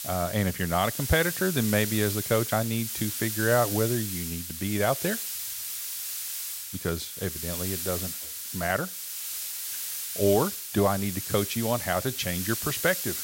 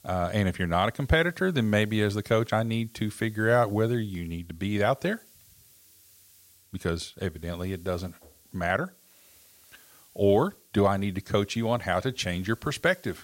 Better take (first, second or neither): second